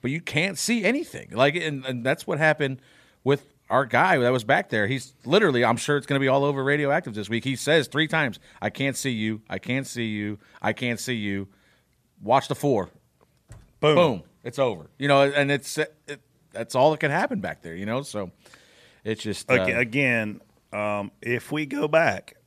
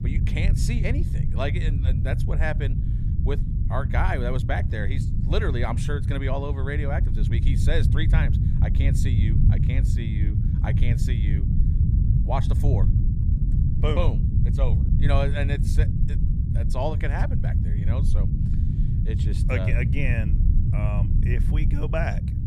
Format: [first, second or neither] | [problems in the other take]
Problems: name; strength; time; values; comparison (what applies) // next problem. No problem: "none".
first | low rumble; loud; throughout; 5 dB below the speech